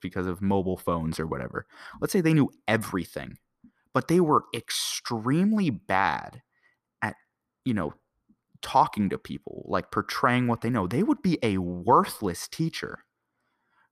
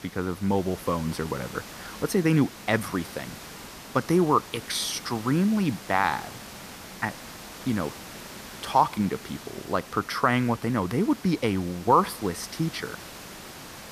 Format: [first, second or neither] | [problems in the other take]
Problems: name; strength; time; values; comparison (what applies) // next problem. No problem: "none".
first | hiss; noticeable; throughout; 15 dB below the speech